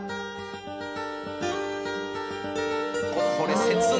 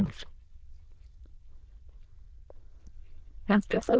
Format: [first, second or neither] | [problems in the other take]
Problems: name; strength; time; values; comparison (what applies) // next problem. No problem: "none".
first | noise reduction (neural diffusion model UNIVERSE++)